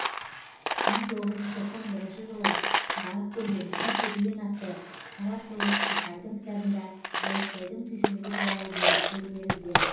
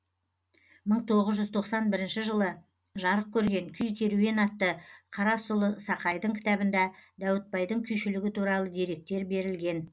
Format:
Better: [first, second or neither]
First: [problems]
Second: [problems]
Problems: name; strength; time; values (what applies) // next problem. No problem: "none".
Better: second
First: background sound (Coin (dropping)); 3 dB above the speech // room echo; dies away in 0.9 s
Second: none